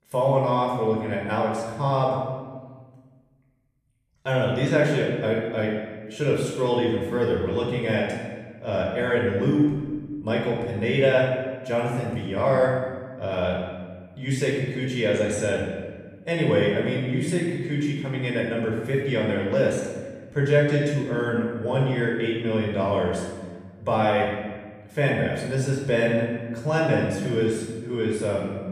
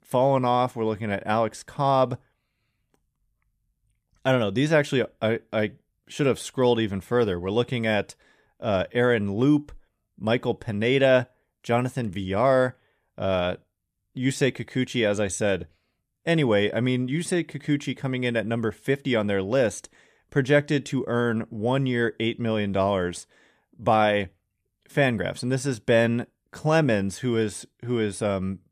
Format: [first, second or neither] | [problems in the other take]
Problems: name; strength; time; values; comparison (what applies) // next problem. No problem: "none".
second | room echo; noticeable; dies away in 1.2 s // off-mic speech; far